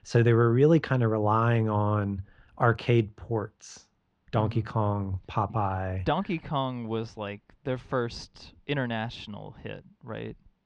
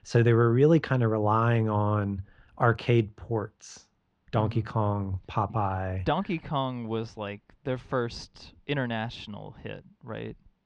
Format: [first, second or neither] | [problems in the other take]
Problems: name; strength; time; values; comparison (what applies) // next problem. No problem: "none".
neither | muffled; slightly; fading above 4 kHz; the same in both